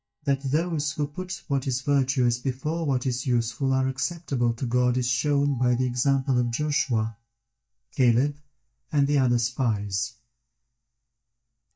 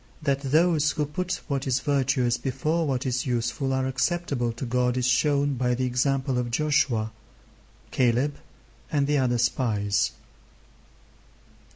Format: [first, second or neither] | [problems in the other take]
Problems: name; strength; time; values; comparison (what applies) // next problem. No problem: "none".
second | noise reduction (neural mask model DeepFilterNet 3)